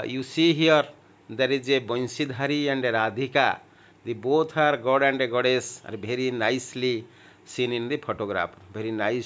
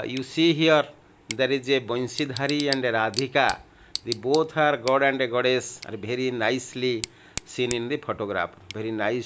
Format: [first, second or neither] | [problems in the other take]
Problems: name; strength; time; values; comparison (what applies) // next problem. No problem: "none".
first | background sound (Tick / Bicycle); 15 dB below the speech